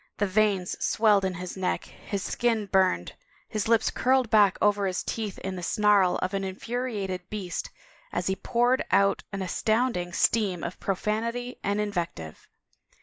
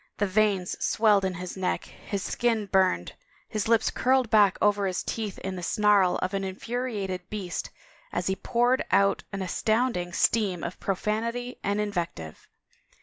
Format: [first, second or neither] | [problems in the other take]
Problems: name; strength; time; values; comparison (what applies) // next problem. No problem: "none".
second | noise reduction (neural mask model Resemble Enhance denoiser)